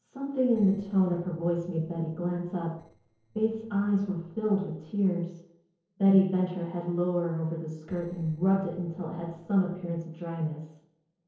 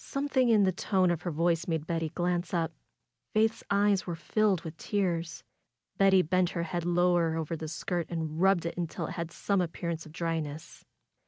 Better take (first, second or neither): second